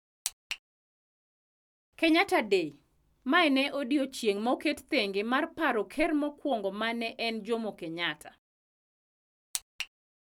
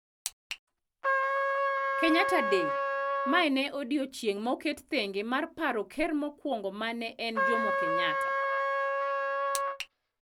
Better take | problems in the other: first | background sound (Trumpet); 3 dB above the speech

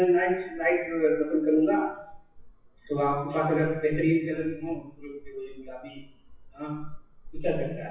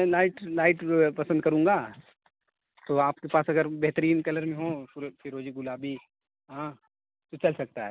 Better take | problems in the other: second | noise reduction (classical method WPE with log-MMSE)

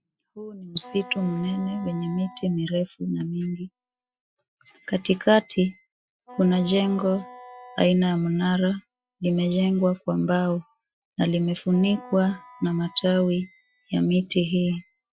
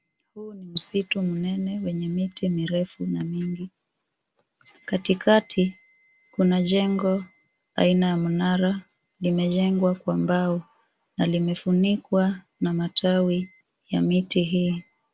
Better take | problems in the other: second | noise reduction (classical method Wiener filter)

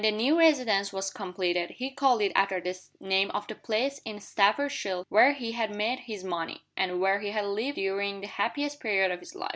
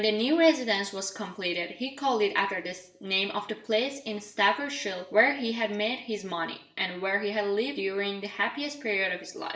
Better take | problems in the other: first | room echo; dies away in 0.5 s

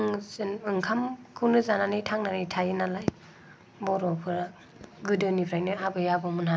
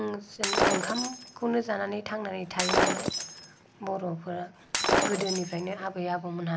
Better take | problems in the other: first | background sound (Shatter); 3 dB above the speech

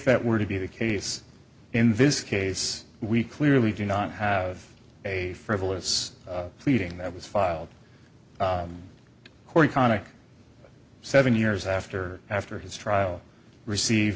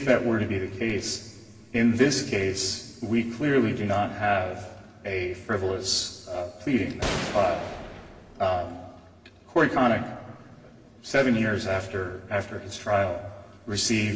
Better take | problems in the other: first | background sound (Gunshot, gunfire); 8 dB below the speech // room echo; dies away in 2.9 s

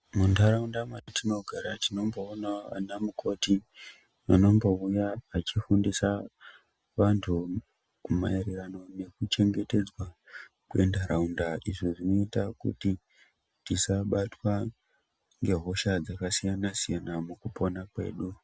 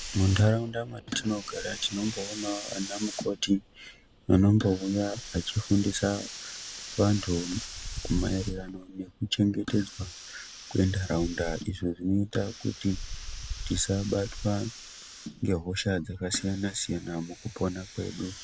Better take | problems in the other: first | background sound (Hiss); 11 dB below the speech

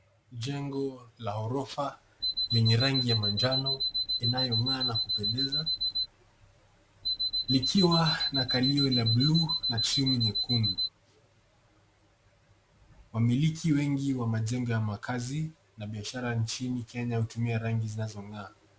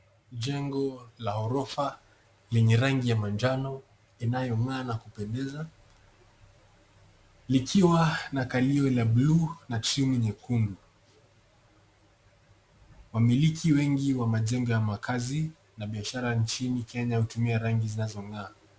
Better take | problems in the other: second | background sound (Alarm); as loud as the speech

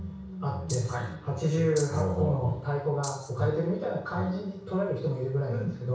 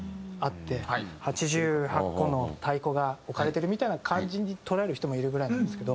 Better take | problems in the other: second | background sound (Rattle (instrument)); 14 dB below the speech // room echo; dies away in 0.6 s

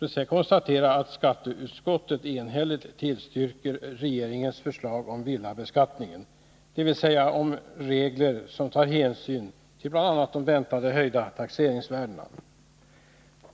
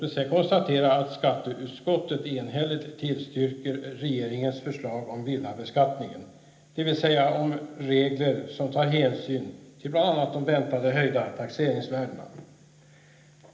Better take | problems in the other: first | room echo; dies away in 0.8 s

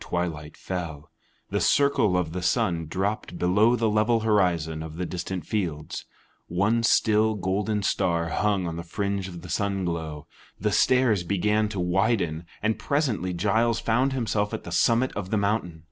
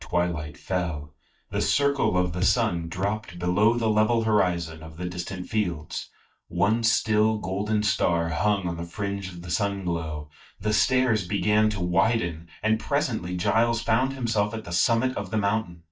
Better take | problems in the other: first | noise reduction (neural mask model DeepFilterNet 3)

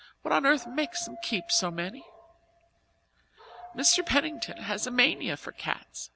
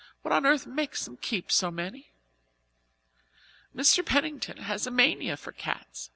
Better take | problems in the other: second | background sound (Dog); 17 dB below the speech

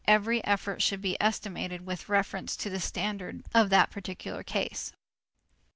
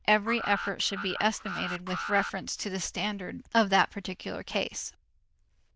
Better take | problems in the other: first | noise reduction (neural diffusion model UNIVERSE++)

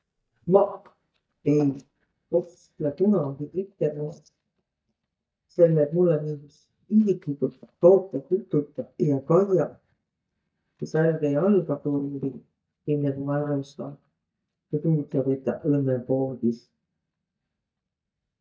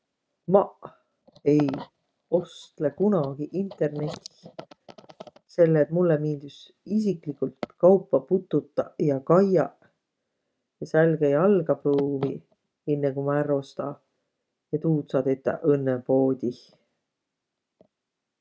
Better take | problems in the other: second | noise reduction (neural mask model DeepFilterNet 3)

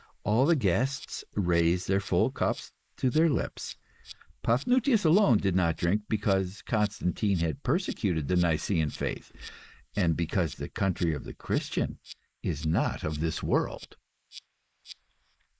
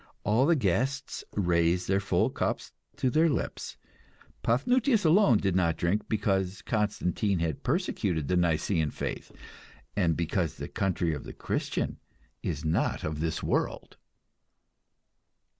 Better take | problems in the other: second | noise reduction (neural mask model Resemble Enhance denoiser)

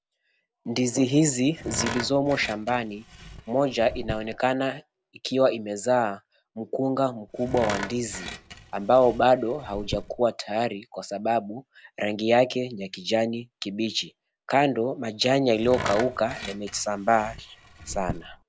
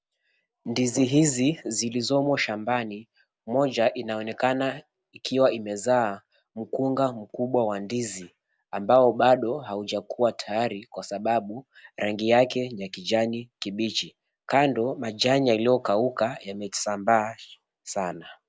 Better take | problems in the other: second | background sound (Tools); 11 dB below the speech

